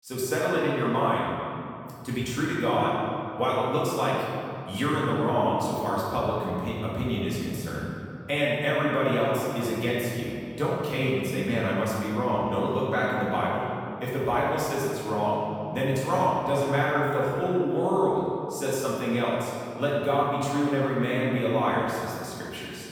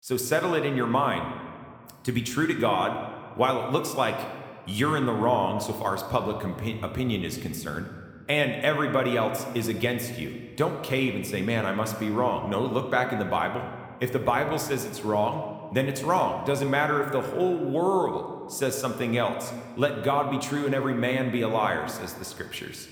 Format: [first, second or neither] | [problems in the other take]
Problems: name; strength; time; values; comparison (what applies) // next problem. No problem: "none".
second | room echo; strong; dies away in 2.3 s; slight in the second // off-mic speech; far